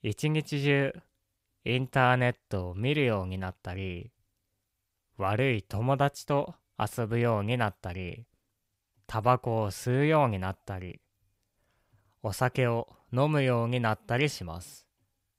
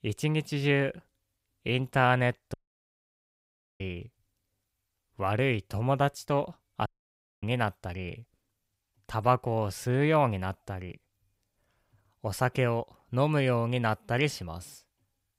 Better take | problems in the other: first | audio cutting out; at 2.5 s for 1.5 s and at 7 s for 0.5 s

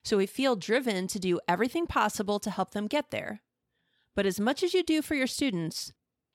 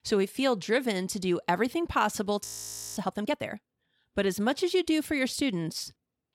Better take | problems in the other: first | audio freezing; at 2.5 s for 0.5 s

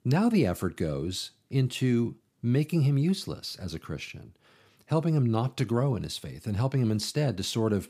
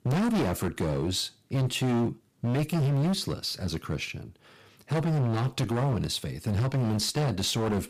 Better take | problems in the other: first | distortion; heavy; 22% of the sound clipped

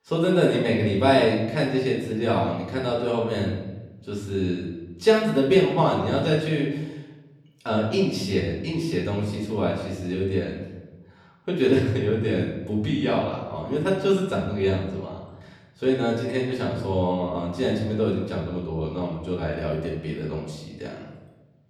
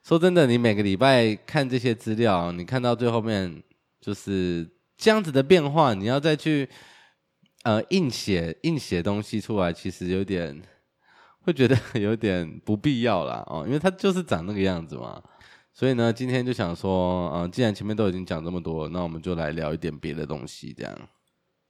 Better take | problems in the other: second | off-mic speech; far // room echo; noticeable; dies away in 0.9 s

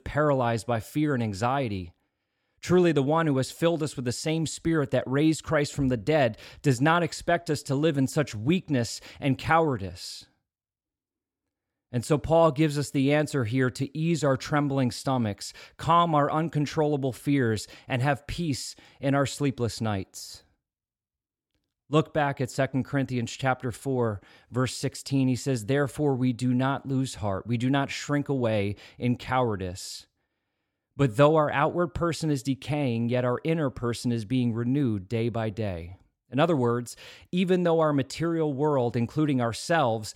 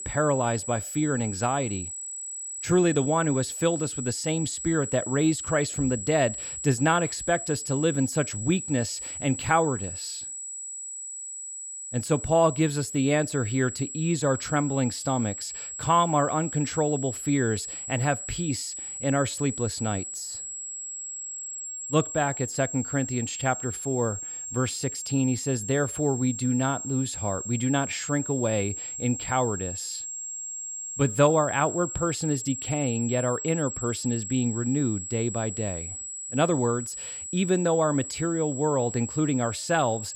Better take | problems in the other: first | high-pitched whine; loud; throughout; 7.5 kHz, 6 dB below the speech

